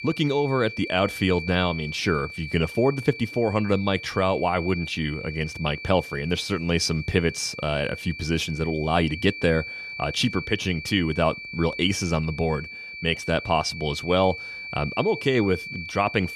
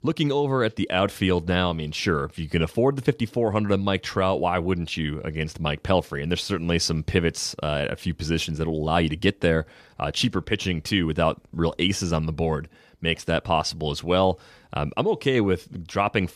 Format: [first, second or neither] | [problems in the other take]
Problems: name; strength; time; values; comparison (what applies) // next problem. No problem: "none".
second | high-pitched whine; loud; throughout; 2.5 kHz, 10 dB below the speech